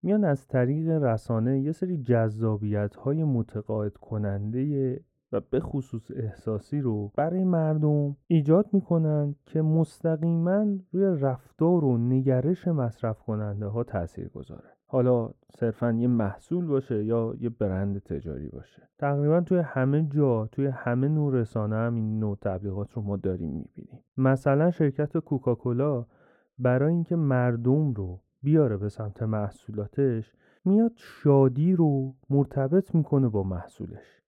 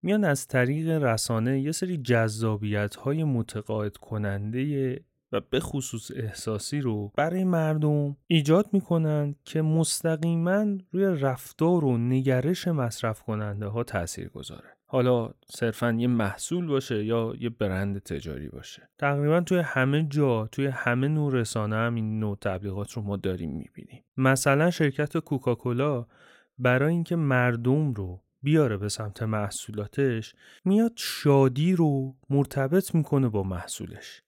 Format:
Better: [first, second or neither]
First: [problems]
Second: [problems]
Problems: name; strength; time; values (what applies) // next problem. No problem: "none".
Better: second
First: muffled; very; fading above 2 kHz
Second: none